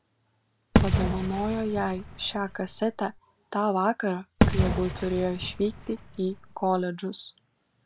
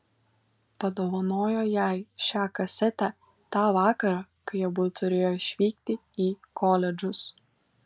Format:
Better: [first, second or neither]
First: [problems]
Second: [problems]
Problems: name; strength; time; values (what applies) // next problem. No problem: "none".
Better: second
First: background sound (Fireworks); 1 dB above the speech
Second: none